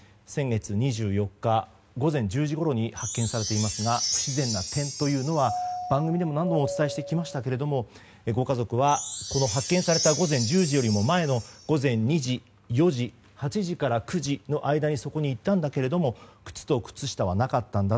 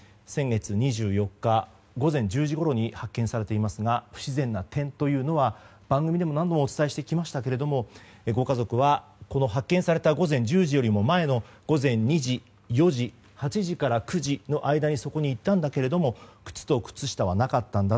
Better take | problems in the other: second | background sound (Chime + Doorbell); 7 dB below the speech

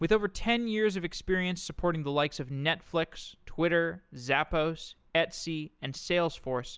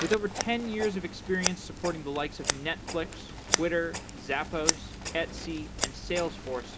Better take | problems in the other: first | background sound (Scissors); 3 dB below the speech // room echo; dies away in 0.3 s

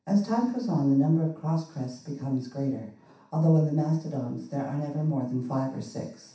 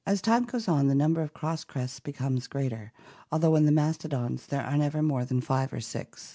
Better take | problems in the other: second | room echo; dies away in 0.7 s

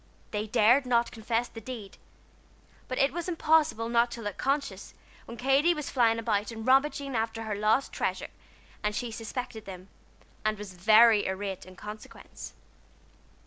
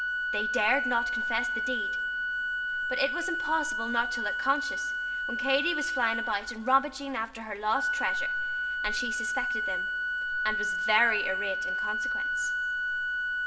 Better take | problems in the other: first | background sound (Organ); 2 dB above the speech // room echo; dies away in 2.8 s

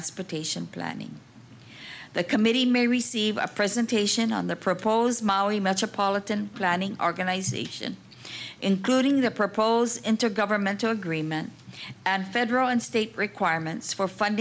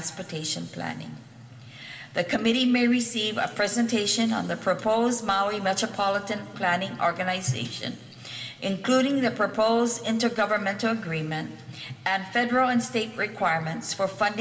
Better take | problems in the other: first | room echo; dies away in 1.8 s

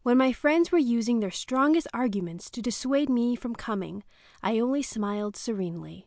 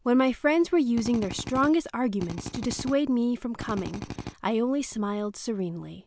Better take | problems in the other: first | background sound (Drill); 10 dB below the speech

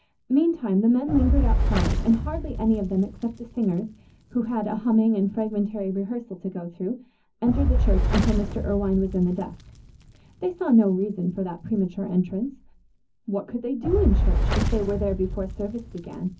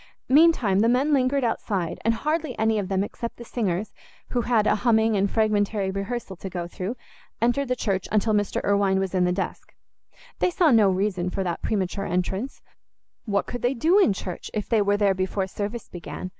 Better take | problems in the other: second | background sound (Fire); 2 dB below the speech // room echo; dies away in 0.4 s

